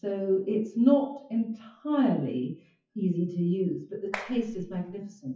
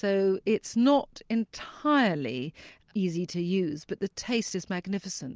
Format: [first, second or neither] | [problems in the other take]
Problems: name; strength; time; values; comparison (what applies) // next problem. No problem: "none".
second | noise reduction (classical method WPE with log-MMSE)